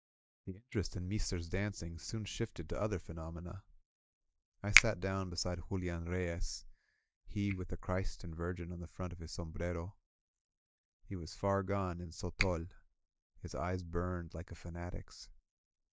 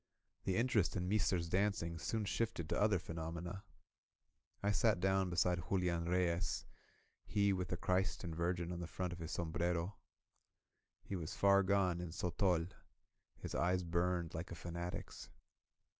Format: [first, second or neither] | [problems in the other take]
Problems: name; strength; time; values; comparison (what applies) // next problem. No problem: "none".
second | noise reduction (neural mask model DeepFilterNet 3)